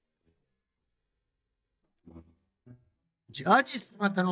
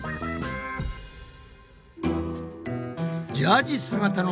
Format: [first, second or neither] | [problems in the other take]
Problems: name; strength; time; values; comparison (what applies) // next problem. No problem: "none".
second | noise reduction (neural mask model DeepFilterNet 3)